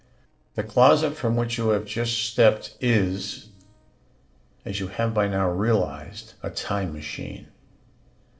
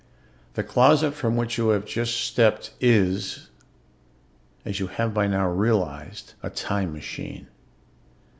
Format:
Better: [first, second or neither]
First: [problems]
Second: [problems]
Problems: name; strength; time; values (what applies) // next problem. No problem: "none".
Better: second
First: noise reduction (neural separator model SepFormer DNS4)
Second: none